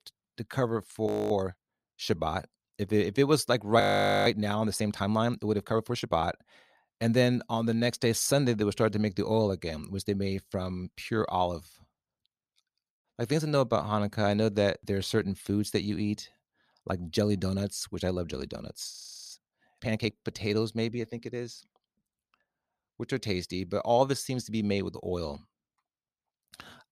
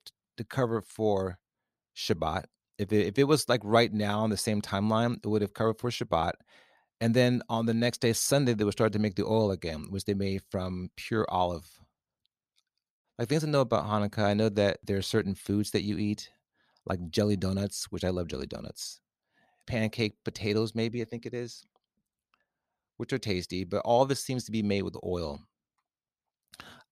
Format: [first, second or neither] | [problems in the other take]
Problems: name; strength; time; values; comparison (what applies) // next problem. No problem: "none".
second | audio freezing; at 1 s, at 4 s and at 19 s